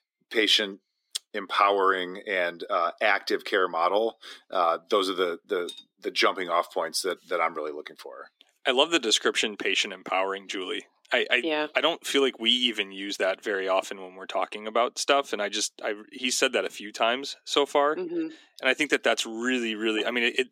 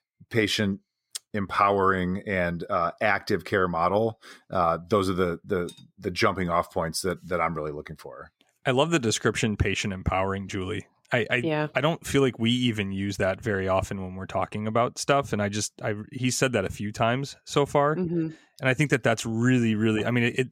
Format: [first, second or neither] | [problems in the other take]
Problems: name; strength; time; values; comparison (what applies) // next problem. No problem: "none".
second | thin; somewhat; fading below 300 Hz